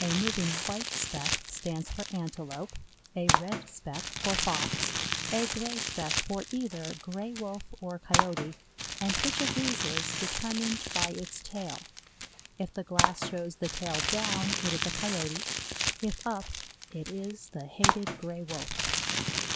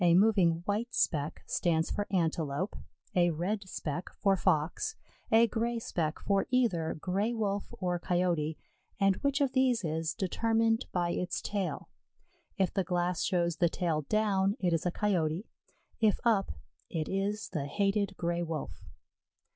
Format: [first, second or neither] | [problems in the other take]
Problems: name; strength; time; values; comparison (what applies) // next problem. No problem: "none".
second | background sound (Crumpling, crinkling); 2 dB above the speech